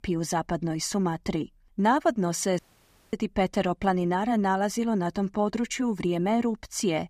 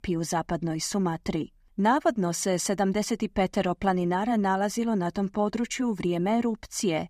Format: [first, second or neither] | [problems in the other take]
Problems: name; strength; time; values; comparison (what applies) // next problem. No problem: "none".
second | audio cutting out; at 2.5 s for 0.5 s